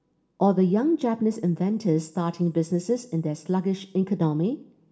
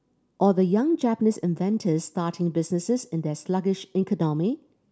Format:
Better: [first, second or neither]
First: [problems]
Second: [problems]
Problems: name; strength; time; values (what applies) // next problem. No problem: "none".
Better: second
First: room echo; dies away in 0.6 s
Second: none